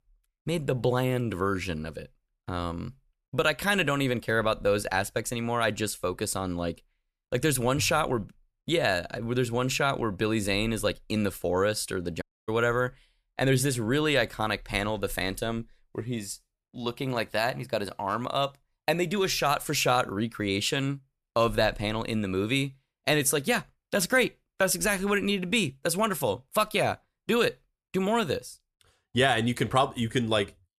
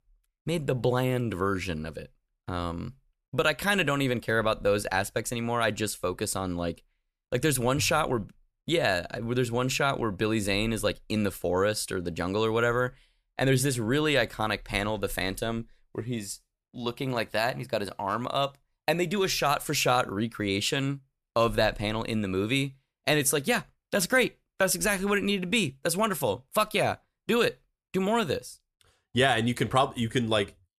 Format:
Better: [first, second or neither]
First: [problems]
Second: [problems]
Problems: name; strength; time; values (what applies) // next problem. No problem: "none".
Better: second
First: audio cutting out; at 12 s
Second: none